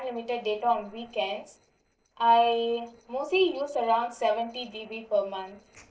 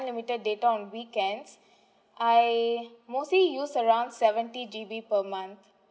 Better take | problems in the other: second | noise reduction (neural separator model SepFormer DNS4)

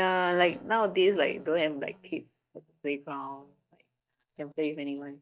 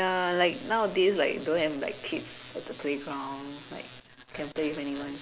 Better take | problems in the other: second | noise reduction (neural mask model DeepFilterNet 3)

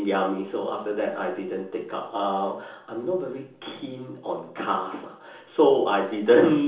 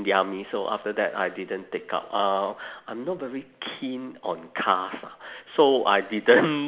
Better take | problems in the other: second | room echo; dies away in 0.6 s

